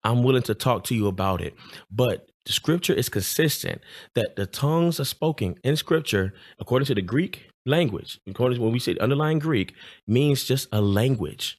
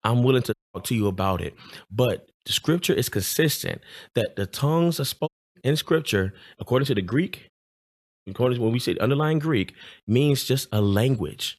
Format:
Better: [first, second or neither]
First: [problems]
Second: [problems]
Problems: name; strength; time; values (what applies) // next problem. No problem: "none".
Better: first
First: none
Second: audio cutting out; at 0.5 s, at 5.5 s and at 7.5 s for 0.5 s